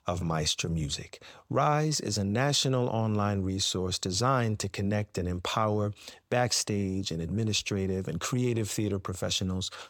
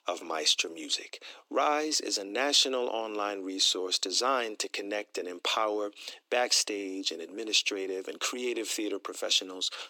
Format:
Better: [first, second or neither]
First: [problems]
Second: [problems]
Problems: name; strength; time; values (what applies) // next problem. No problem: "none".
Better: first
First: none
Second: thin; somewhat; fading below 300 Hz